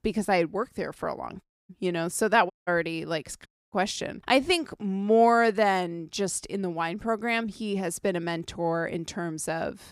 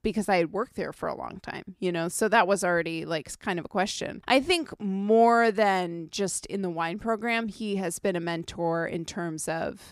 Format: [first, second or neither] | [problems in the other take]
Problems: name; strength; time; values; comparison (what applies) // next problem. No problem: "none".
second | audio cutting out; at 1.5 s, at 2.5 s and at 3.5 s